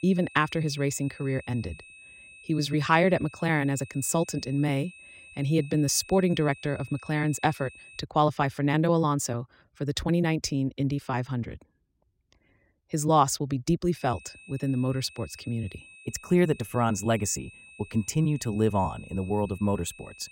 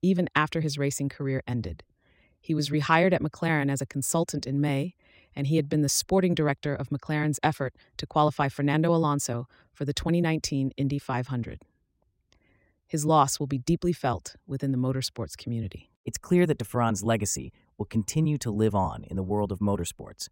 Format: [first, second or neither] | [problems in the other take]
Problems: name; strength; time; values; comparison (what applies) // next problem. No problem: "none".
second | high-pitched whine; faint; until 8 s and from 14 s on; 2.5 kHz, 20 dB below the speech